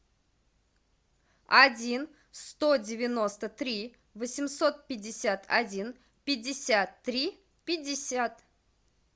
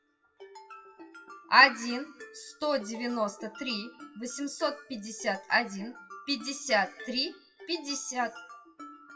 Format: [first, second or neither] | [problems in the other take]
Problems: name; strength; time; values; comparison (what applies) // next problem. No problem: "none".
first | noise reduction (classical method WPE with log-MMSE)